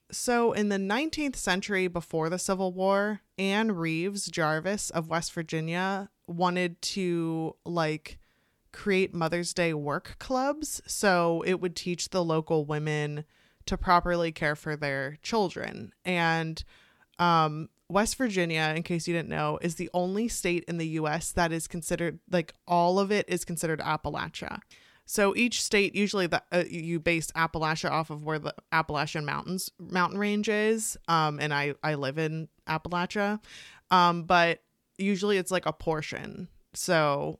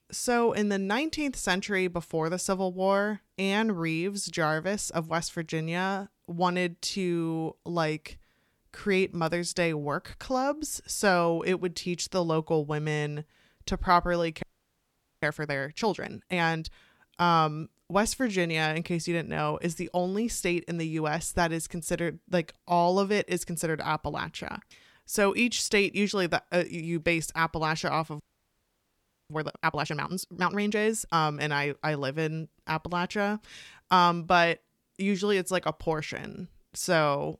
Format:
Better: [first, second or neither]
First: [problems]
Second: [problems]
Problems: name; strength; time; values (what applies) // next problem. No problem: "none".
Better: first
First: none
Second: audio freezing; at 14 s for 1 s and at 28 s for 1 s